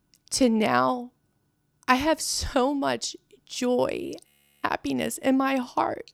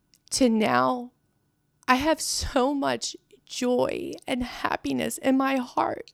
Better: second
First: audio freezing; at 4.5 s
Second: none

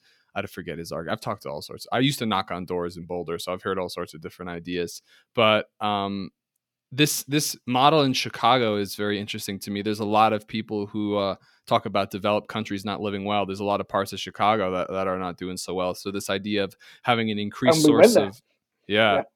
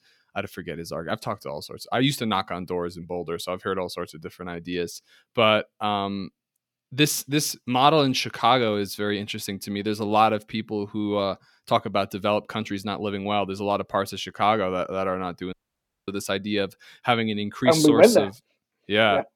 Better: first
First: none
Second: audio cutting out; at 16 s for 0.5 s

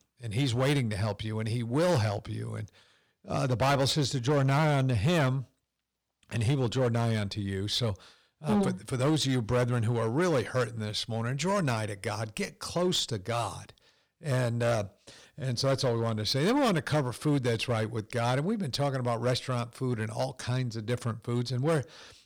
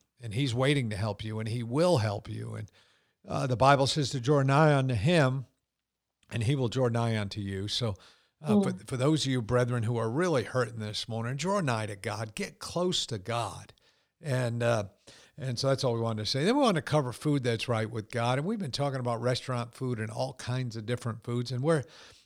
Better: second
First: distortion; slight; 7% of the sound clipped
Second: none

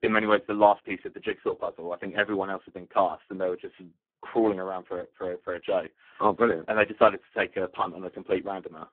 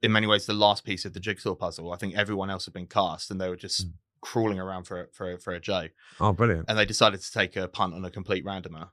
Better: second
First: phone-call audio; poor line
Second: none

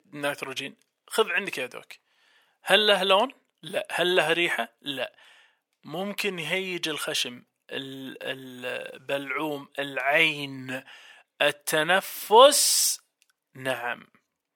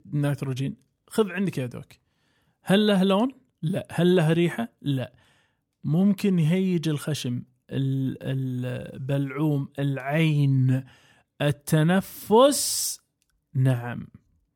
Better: second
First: thin; very; fading below 650 Hz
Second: none

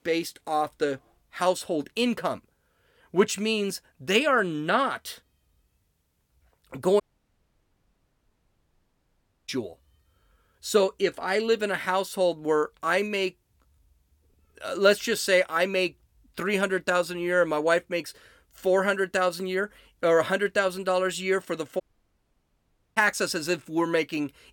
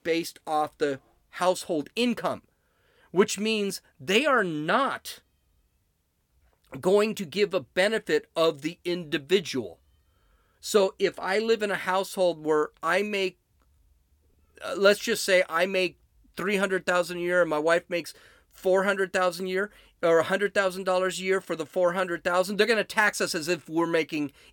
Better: second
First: audio cutting out; at 7 s for 2.5 s and at 22 s for 1 s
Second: none

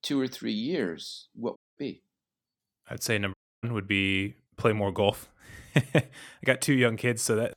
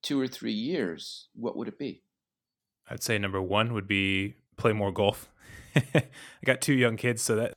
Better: second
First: audio cutting out; at 1.5 s and at 3.5 s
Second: none

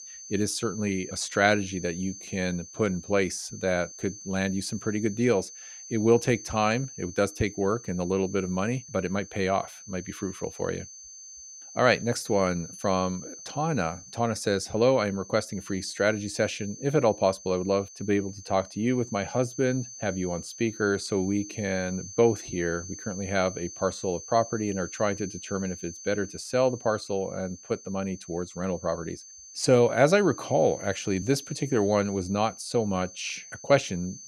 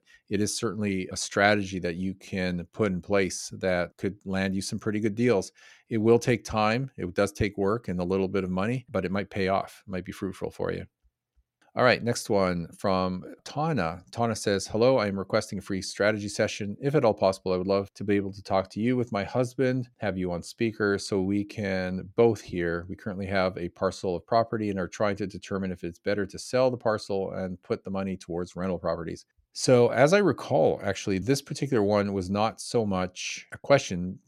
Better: second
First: high-pitched whine; noticeable; throughout; 6 kHz, 15 dB below the speech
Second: none

